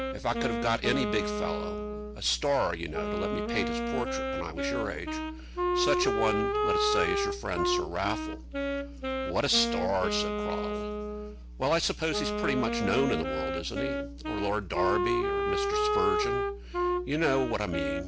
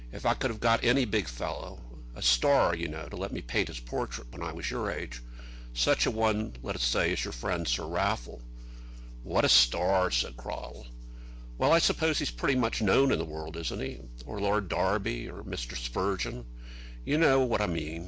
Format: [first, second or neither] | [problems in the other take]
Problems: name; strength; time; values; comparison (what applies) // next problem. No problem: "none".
second | background sound (Wind instrument, woodwind instrument); as loud as the speech